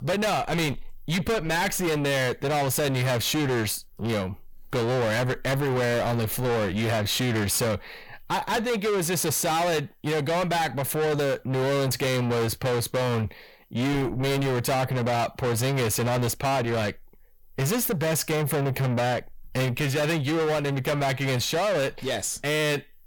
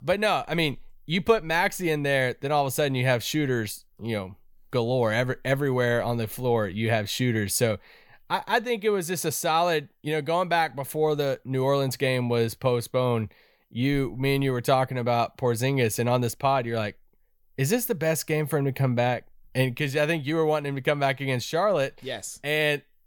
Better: second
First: distortion; heavy; 6 dB below the speech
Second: none

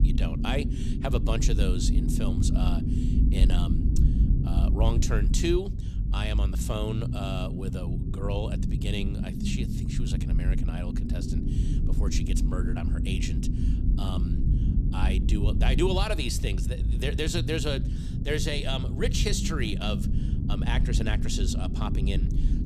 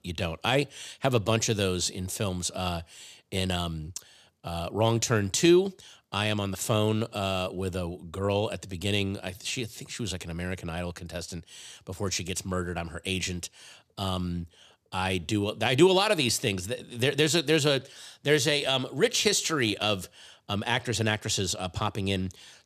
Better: second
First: low rumble; loud; throughout; 6 dB below the speech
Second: none

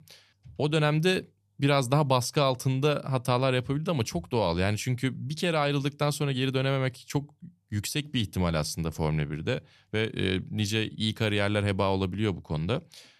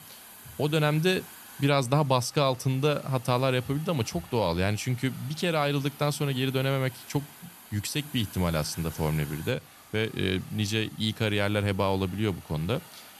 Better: first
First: none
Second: hiss; noticeable; throughout; 20 dB below the speech

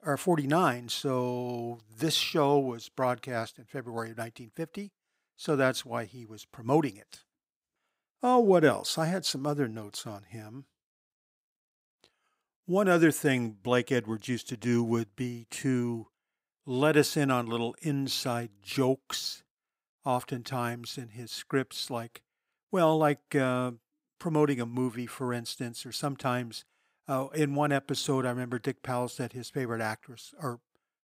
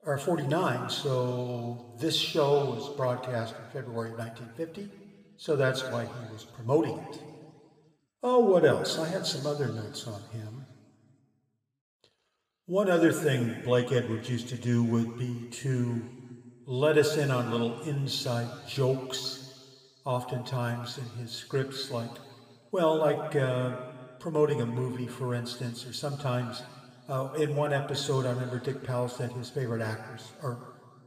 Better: first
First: none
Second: room echo; slight; dies away in 1.7 s

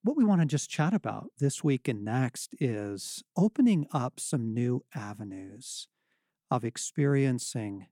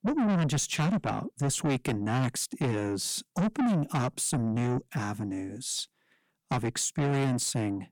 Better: first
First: none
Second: distortion; heavy; 6 dB below the speech

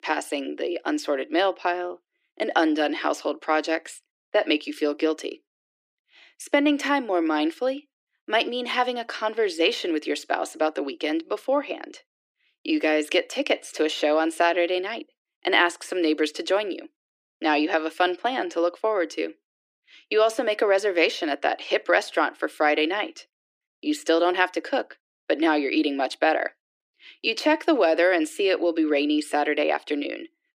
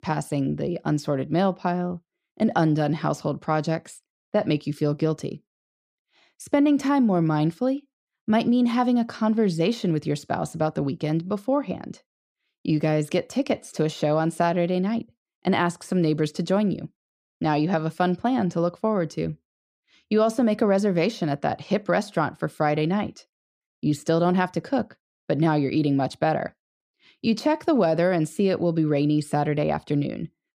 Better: second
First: thin; somewhat; fading below 300 Hz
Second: none

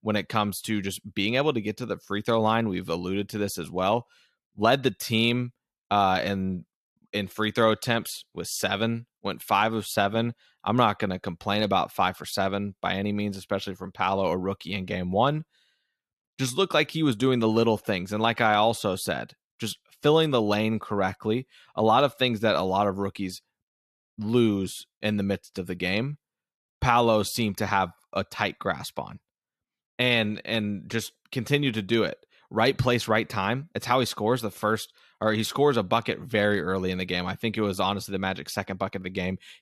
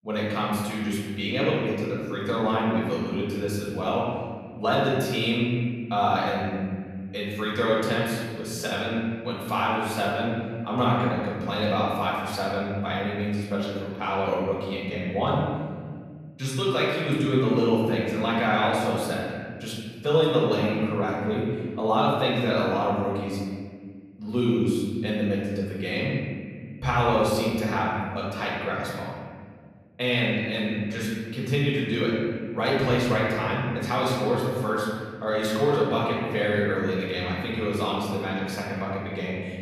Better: first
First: none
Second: room echo; noticeable; dies away in 1.9 s // off-mic speech; far

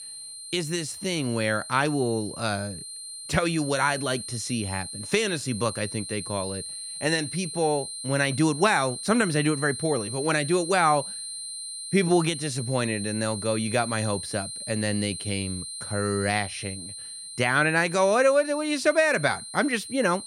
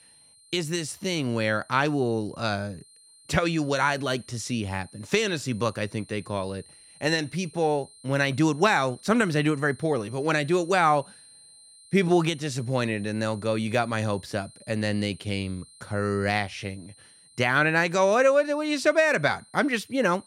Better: second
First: high-pitched whine; loud; throughout; 9 kHz, 9 dB below the speech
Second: high-pitched whine; faint; throughout; 9 kHz, 25 dB below the speech

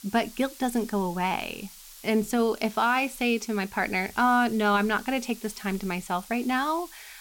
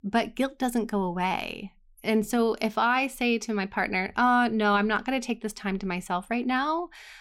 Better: second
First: hiss; noticeable; throughout; 20 dB below the speech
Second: none

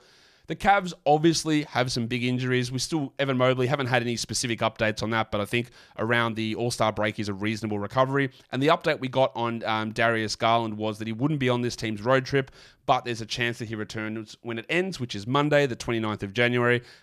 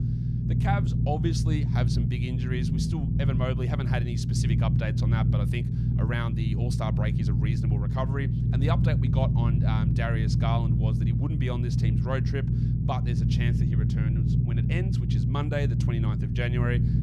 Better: first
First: none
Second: low rumble; loud; throughout; 1 dB below the speech

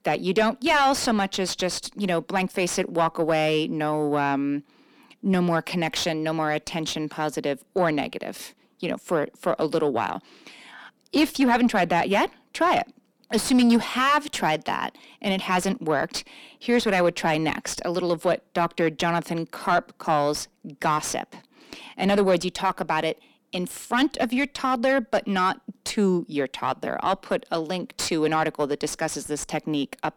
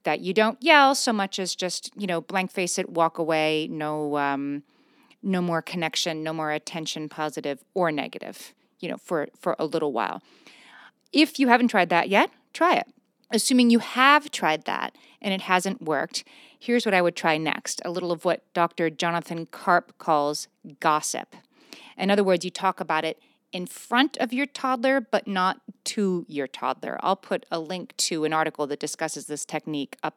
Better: second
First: distortion; heavy; 8 dB below the speech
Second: none

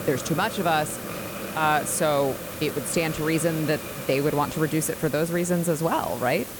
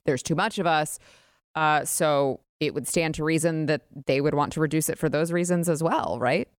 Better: second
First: hiss; loud; throughout; 9 dB below the speech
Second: none

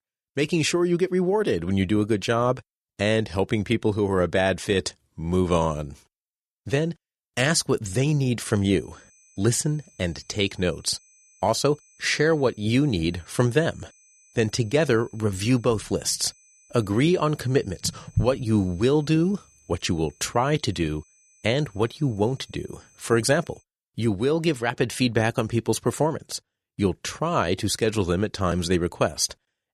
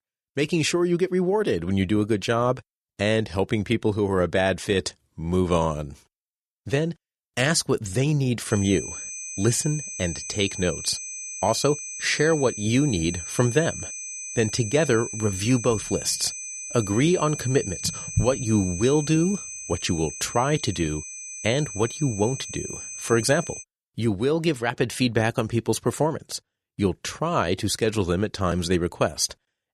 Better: first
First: high-pitched whine; faint; from 8.5 to 24 s; 6 kHz, 30 dB below the speech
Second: high-pitched whine; loud; from 8.5 to 24 s; 6 kHz, 8 dB below the speech

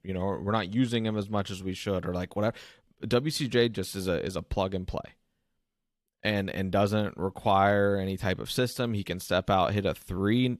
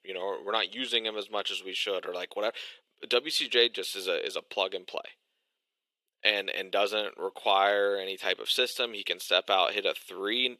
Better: first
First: none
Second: thin; very; fading below 400 Hz

